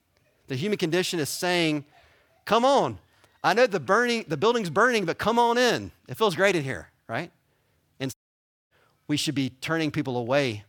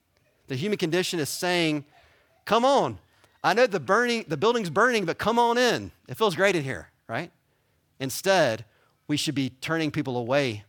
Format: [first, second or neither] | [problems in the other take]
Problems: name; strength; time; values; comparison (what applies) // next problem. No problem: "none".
second | audio cutting out; at 8 s for 0.5 s